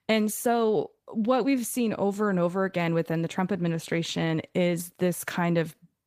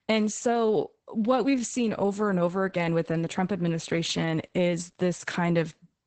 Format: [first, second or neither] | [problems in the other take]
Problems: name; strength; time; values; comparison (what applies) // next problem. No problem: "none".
first | garbled, watery; badly; nothing above 8 kHz; slightly in the first